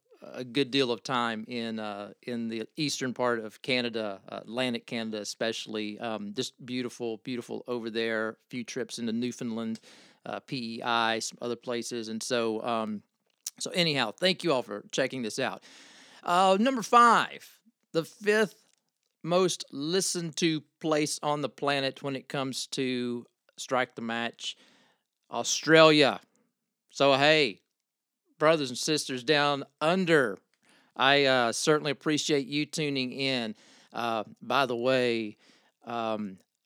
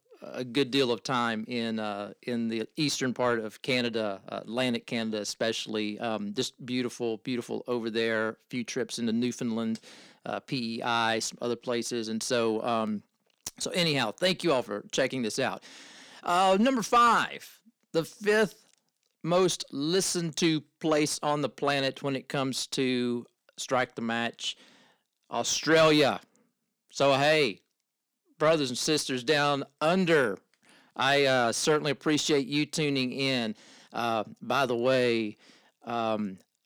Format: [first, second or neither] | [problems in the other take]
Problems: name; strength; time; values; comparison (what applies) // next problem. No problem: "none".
first | distortion; slight; 10 dB below the speech